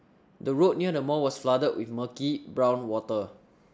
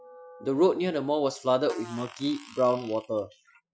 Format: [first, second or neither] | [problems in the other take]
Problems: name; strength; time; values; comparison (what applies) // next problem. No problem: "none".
first | noise reduction (classical method Wiener filter)